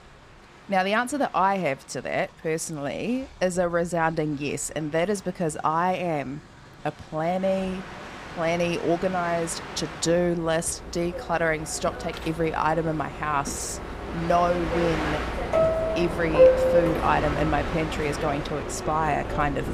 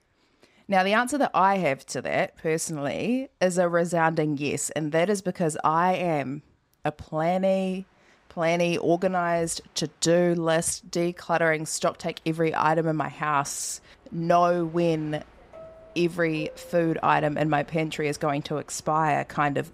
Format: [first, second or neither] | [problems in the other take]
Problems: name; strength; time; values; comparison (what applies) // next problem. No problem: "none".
second | train or aircraft noise; loud; throughout; 2 dB below the speech; faint in the second